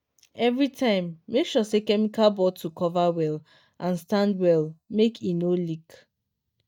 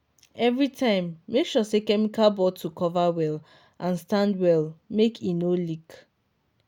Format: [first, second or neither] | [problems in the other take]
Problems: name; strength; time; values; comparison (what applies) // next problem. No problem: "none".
second | noise reduction (neural mask model DeepFilterNet 3)